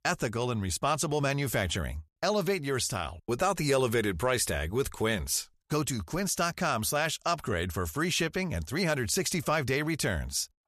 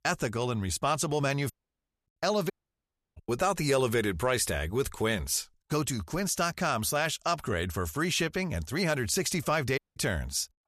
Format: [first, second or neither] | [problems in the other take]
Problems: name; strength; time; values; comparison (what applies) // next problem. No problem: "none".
first | audio cutting out; at 1.5 s for 0.5 s, at 2.5 s for 0.5 s and at 10 s